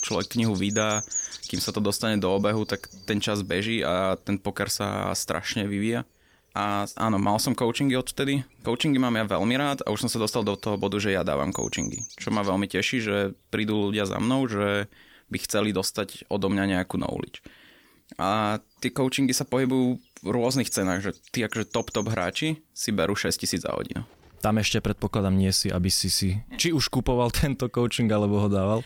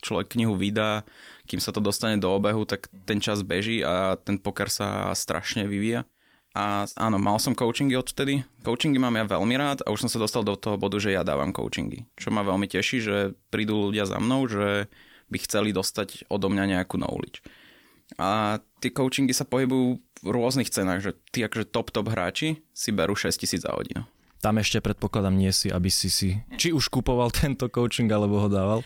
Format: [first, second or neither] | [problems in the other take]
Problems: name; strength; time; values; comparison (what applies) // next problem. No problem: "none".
second | animal sounds; noticeable; throughout; 10 dB below the speech